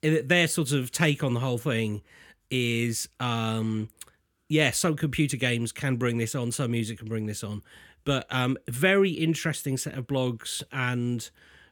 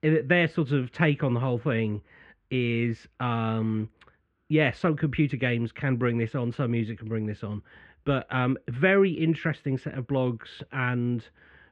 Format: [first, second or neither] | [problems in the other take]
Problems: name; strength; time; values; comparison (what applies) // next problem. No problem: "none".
first | muffled; very; fading above 2.5 kHz